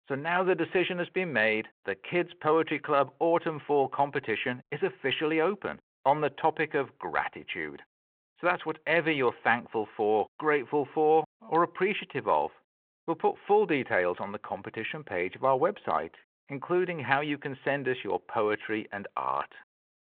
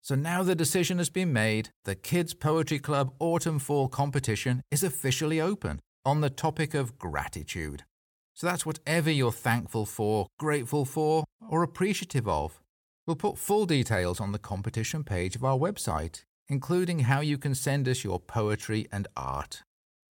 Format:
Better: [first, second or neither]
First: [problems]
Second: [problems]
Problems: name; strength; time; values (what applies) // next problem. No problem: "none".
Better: second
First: phone-call audio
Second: none